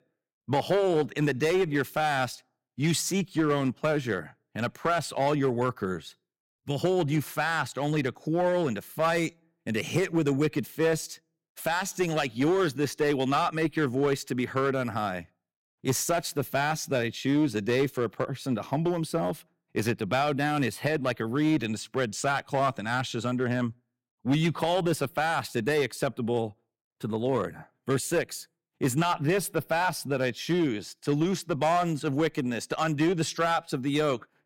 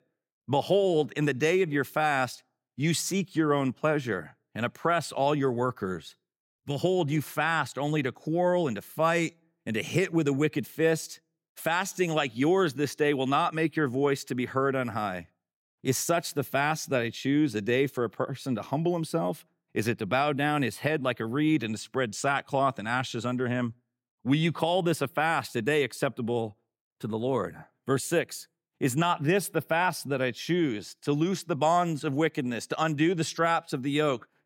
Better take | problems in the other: second | distortion; slight; 5% of the sound clipped

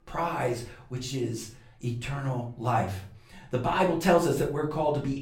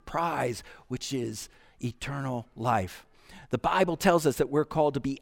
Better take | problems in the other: second | off-mic speech; far // room echo; slight; dies away in 0.4 s

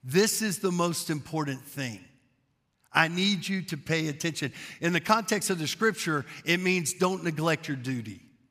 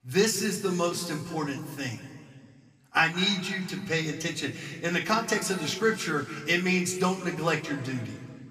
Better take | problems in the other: first | room echo; slight; dies away in 1.9 s // off-mic speech; somewhat distant

